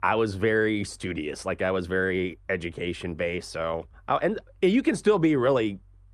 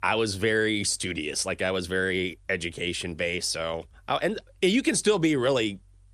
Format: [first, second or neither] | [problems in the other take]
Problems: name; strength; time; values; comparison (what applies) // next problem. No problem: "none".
second | muffled; slightly; fading above 2.5 kHz